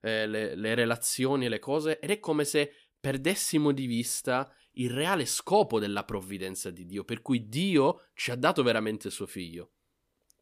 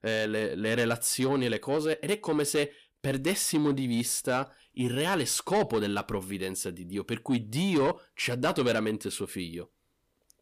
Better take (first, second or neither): first